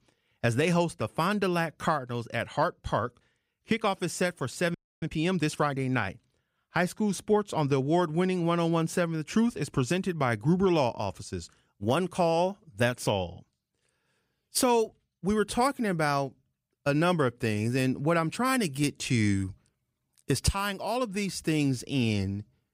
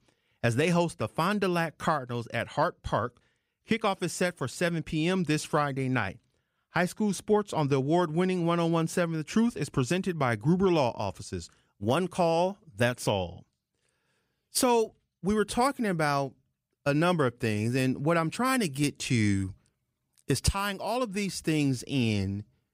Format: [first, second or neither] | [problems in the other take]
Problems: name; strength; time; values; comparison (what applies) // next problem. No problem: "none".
second | audio freezing; at 5 s